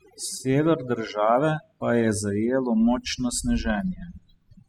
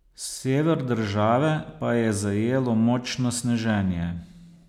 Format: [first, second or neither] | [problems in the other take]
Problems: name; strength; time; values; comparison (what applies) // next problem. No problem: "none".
second | noise reduction (classical method spectral subtraction)